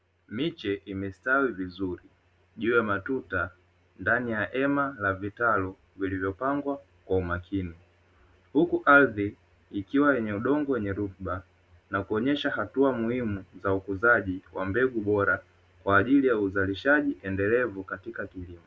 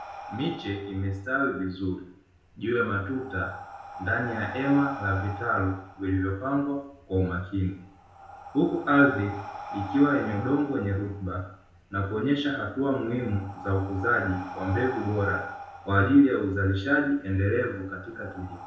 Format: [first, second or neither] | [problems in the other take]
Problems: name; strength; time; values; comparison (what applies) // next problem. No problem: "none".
first | background sound (Breathing); 15 dB below the speech // room echo; dies away in 0.5 s